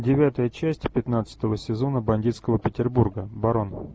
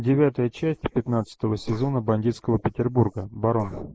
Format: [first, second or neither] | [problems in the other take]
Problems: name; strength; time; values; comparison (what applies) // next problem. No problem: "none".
first | noise reduction (neural mask model Resemble Enhance denoiser)